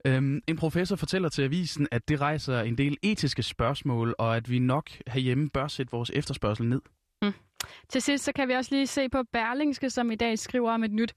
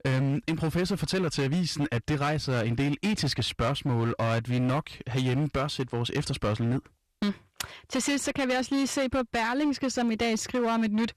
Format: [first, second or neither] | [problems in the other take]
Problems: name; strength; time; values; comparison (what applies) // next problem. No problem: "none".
first | distortion; slight; 16% of the sound clipped